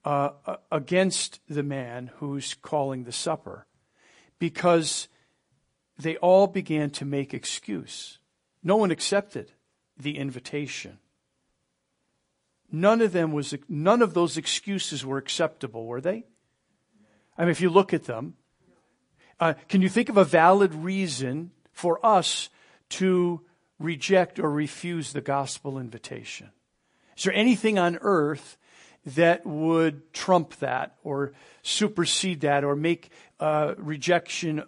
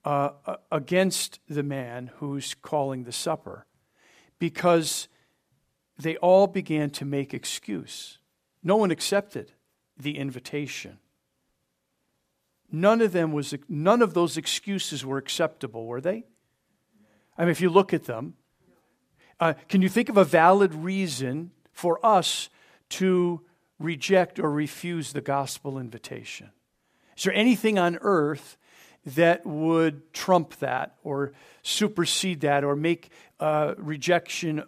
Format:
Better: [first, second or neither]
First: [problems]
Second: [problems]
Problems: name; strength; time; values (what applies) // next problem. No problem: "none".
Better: second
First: garbled, watery; slightly; nothing above 10.5 kHz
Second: none